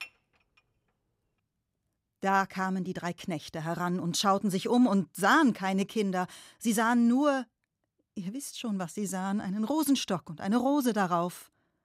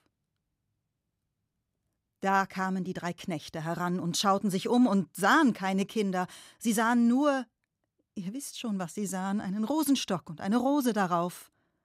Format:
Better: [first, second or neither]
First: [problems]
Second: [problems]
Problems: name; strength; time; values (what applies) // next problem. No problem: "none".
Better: second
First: clattering dishes; faint; at the start; peak 15 dB below the speech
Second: none